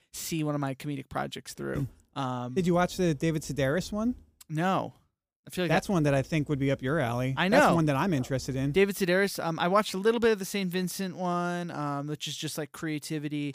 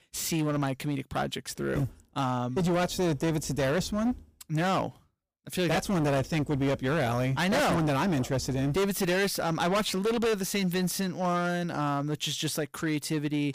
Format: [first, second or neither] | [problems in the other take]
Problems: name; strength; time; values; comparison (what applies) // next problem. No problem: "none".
first | distortion; heavy; 18% of the sound clipped